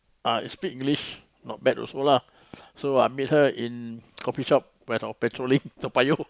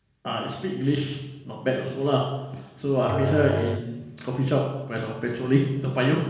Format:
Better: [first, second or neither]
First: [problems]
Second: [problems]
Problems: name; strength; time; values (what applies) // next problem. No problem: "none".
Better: first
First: none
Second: background sound (Musical instrument); 6 dB below the speech // room echo; dies away in 1.1 s